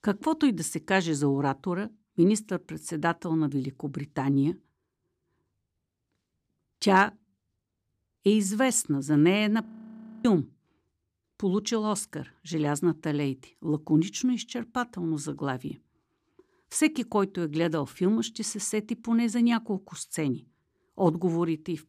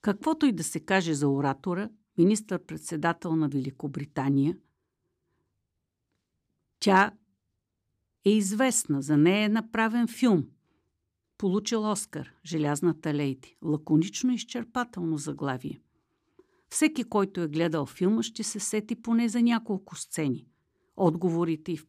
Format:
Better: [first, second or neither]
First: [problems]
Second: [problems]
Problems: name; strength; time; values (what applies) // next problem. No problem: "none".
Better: second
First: audio freezing; at 9.5 s for 0.5 s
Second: none